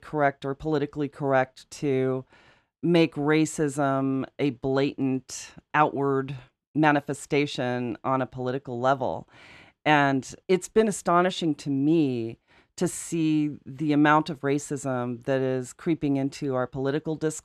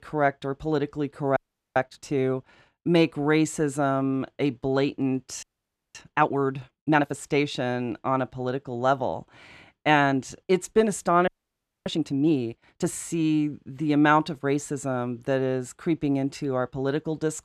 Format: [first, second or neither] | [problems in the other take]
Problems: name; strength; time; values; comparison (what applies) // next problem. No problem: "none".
first | audio freezing; at 1.5 s, at 5.5 s for 0.5 s and at 11 s for 0.5 s